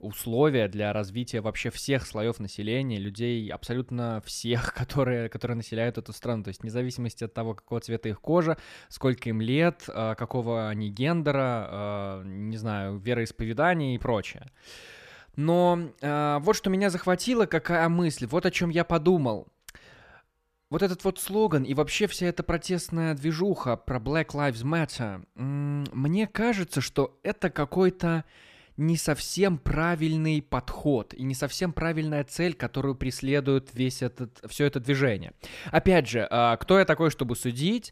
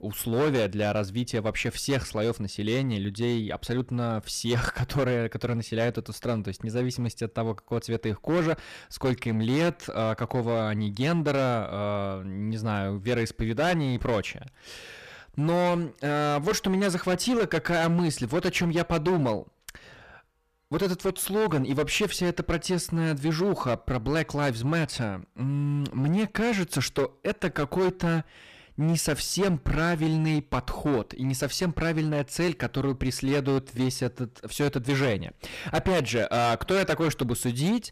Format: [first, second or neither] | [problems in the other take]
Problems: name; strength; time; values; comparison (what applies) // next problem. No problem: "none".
first | distortion; heavy; 12% of the sound clipped